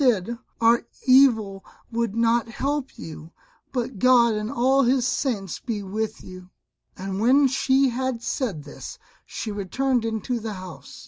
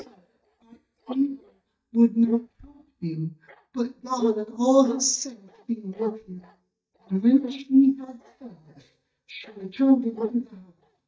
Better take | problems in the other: first | noise reduction (neural mask model DeepFilterNet 3)

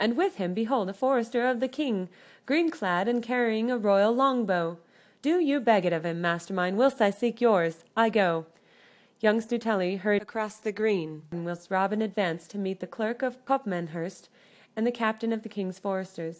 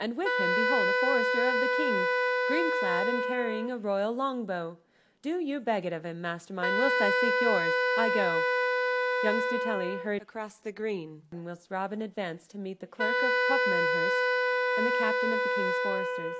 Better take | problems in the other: first | background sound (Wind instrument, woodwind instrument); 5 dB above the speech

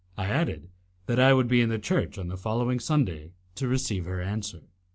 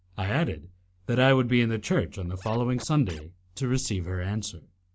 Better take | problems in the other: first | background sound (Scratching (performance technique)); 20 dB below the speech

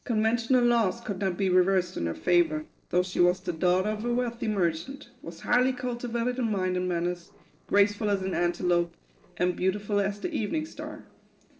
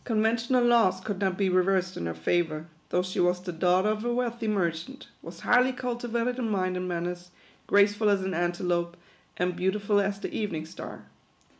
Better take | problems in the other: second | noise reduction (neural separator model SepFormer DNS4)

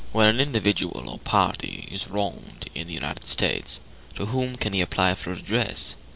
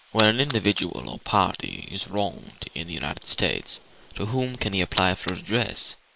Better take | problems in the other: first | noise reduction (neural mask model Resemble Enhance denoiser)

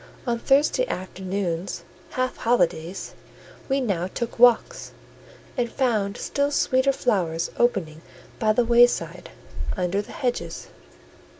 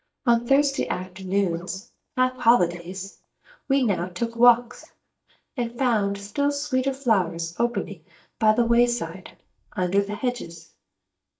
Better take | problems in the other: first | noise reduction (neural mask model DeepFilterNet 3)

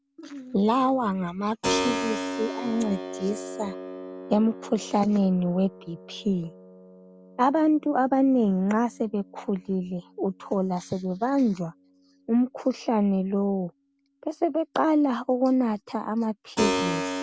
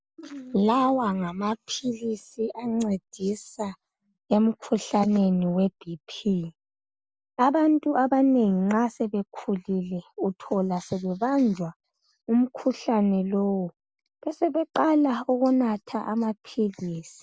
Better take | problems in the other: second | background sound (Keyboard (musical)); 10 dB below the speech

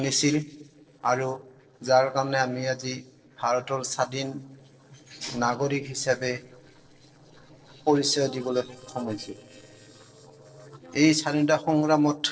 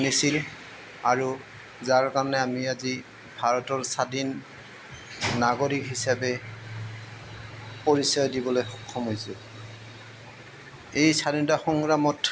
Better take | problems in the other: second | noise reduction (neural separator model SepFormer DNS4)

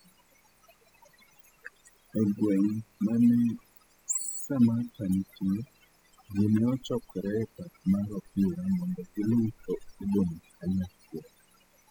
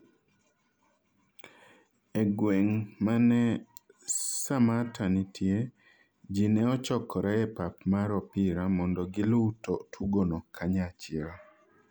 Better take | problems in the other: second | noise reduction (classical method spectral subtraction)

